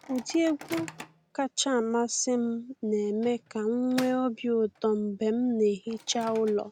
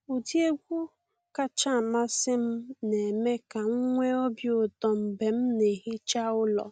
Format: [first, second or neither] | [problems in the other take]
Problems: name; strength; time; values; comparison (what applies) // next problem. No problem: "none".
second | background sound (Microwave oven); 19 dB below the speech